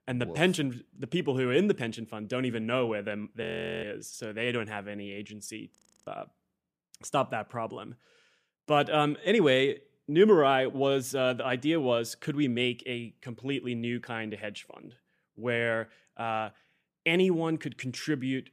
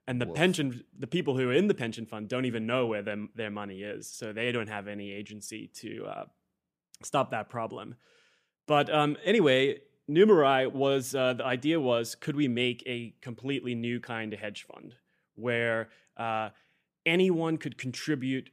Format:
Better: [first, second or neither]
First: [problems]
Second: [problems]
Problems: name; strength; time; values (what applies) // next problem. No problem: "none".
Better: second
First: audio freezing; at 3.5 s and at 6 s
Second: none